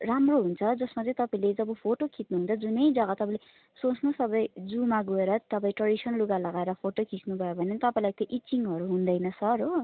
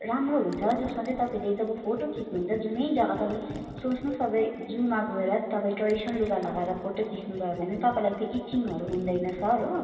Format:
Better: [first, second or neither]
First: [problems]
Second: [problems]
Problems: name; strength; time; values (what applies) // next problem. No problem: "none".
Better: first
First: none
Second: background sound (Gurgling); 18 dB below the speech // room echo; dies away in 2.6 s